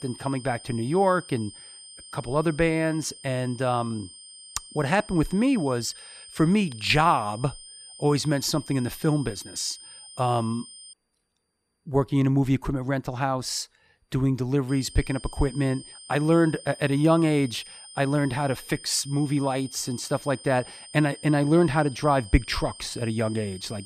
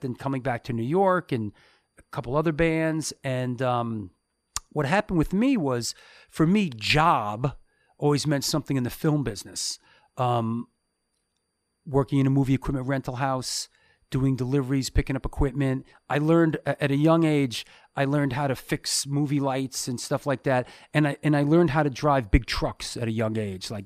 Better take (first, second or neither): second